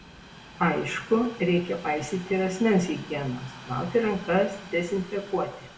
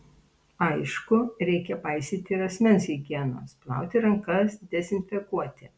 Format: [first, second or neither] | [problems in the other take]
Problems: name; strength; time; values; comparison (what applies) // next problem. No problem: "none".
second | background sound (Train); 18 dB below the speech // room echo; dies away in 0.6 s